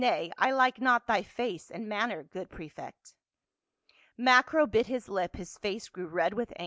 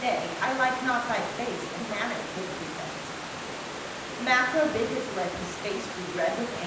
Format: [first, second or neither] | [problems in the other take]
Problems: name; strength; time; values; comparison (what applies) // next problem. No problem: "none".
first | background sound (Stream / Liquid); 6 dB below the speech // room echo; dies away in 0.9 s